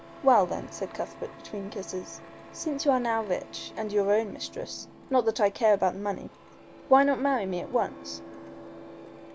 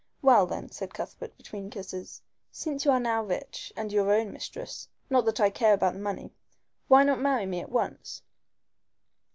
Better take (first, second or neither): second